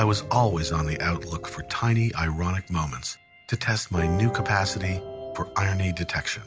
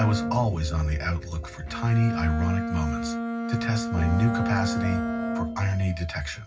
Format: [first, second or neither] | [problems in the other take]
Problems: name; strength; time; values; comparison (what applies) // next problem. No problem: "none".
first | background sound (Bowed string instrument); 4 dB below the speech // room echo; dies away in 0.4 s